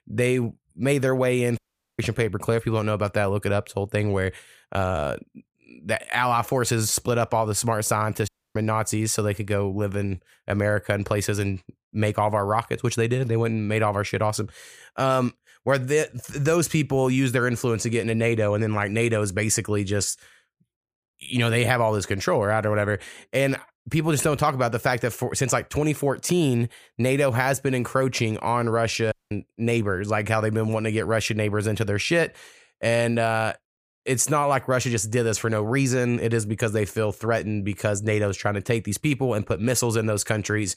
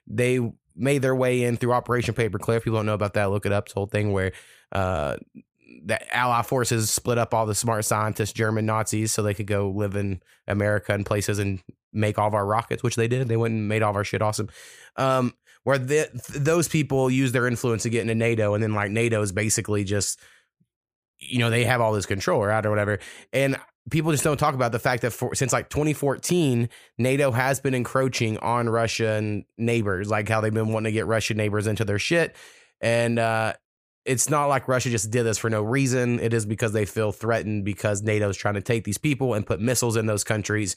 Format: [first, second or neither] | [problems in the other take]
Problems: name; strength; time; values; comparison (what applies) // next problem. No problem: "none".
second | audio cutting out; at 1.5 s, at 8.5 s and at 29 s